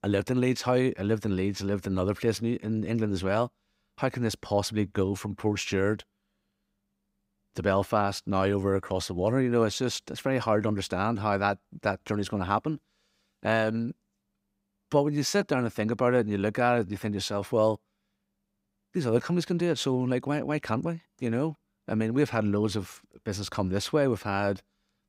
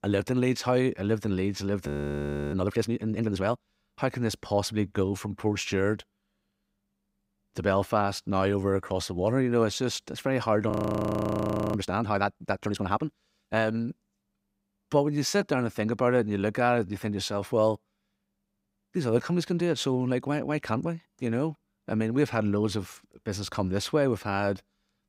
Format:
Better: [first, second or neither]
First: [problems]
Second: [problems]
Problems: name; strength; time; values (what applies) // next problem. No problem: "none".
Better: first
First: none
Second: audio freezing; at 2 s for 0.5 s and at 11 s for 1 s